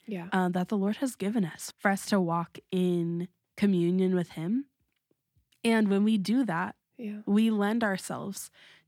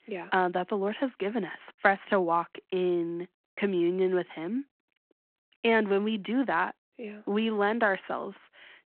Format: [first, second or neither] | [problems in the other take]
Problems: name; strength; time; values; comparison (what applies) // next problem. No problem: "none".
first | phone-call audio